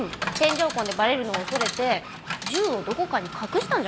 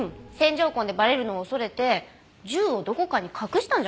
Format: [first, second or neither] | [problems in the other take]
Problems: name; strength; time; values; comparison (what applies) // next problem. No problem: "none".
second | background sound (Coin (dropping) / Chatter); 7 dB below the speech